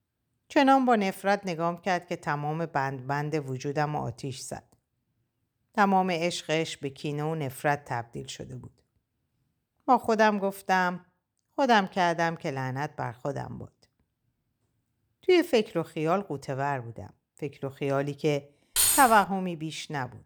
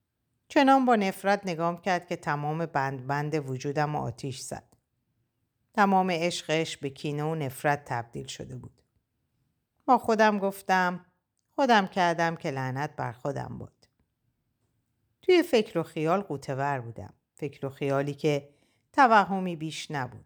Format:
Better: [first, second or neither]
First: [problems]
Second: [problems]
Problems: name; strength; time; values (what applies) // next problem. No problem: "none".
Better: second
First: jangling keys; loud; at 19 s; peak 6 dB above the speech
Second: none